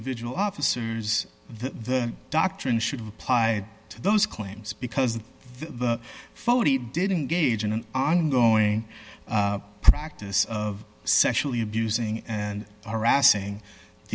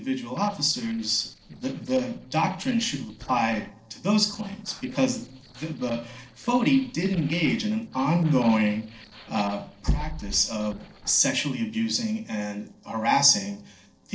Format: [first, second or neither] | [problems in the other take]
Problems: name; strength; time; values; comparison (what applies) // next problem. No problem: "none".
first | noise reduction (neural separator model SepFormer DNS4)